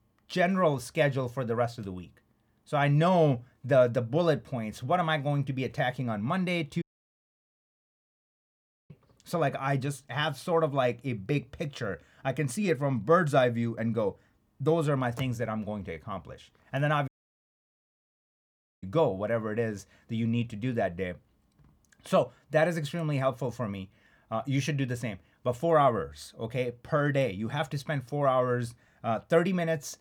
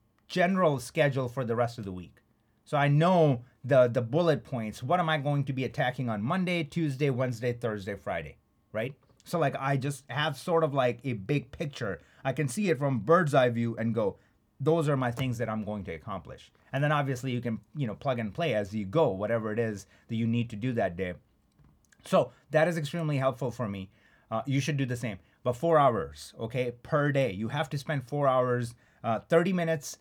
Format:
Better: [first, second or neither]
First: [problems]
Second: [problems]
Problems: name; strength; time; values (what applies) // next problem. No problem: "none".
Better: second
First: audio cutting out; at 7 s for 2 s and at 17 s for 1.5 s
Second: none